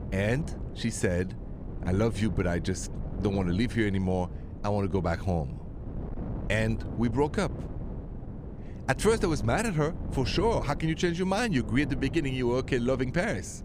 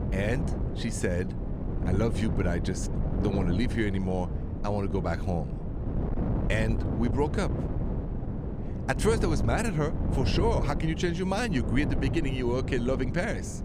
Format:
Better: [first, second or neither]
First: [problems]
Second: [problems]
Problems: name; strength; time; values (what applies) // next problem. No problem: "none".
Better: first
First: wind noise on the microphone; occasional gusts; 15 dB below the speech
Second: wind noise on the microphone; heavy; 7 dB below the speech